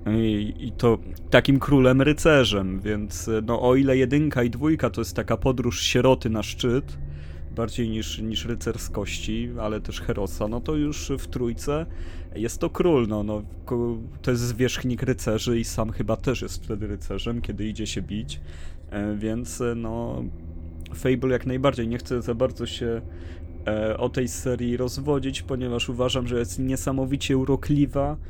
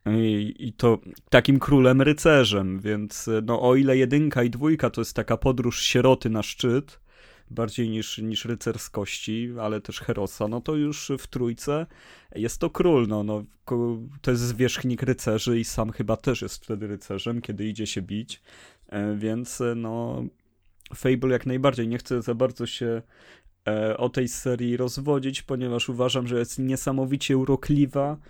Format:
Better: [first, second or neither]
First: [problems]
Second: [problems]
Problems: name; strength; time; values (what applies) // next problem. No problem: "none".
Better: second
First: low rumble; faint; throughout; 25 dB below the speech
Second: none